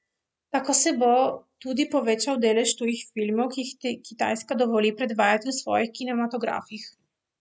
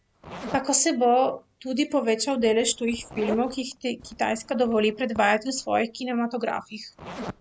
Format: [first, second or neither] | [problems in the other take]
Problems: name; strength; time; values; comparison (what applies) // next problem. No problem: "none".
first | background sound (Zipper (clothing)); 17 dB below the speech